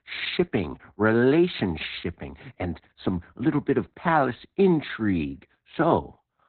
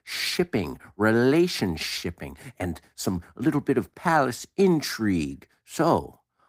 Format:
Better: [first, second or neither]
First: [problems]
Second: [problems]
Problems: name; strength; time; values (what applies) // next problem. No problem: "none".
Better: second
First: garbled, watery; badly; nothing above 4 kHz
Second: garbled, watery; slightly; nothing above 15.5 kHz